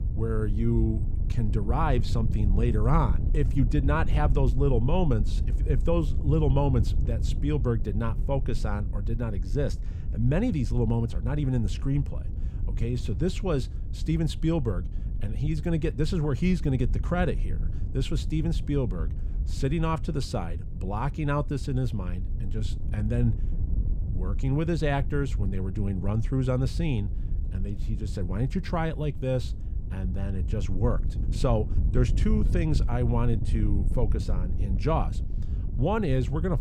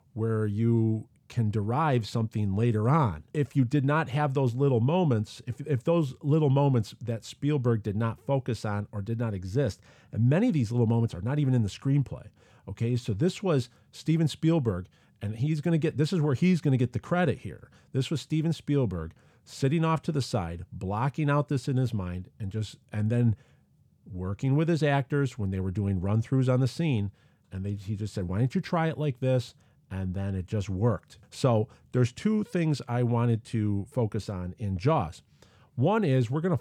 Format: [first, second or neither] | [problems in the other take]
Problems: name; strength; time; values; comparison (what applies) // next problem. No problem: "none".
second | wind noise on the microphone; occasional gusts; 15 dB below the speech